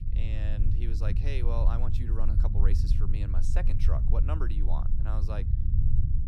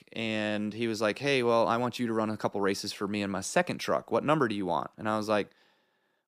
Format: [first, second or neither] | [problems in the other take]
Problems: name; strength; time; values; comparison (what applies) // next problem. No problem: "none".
second | low rumble; loud; throughout; 4 dB below the speech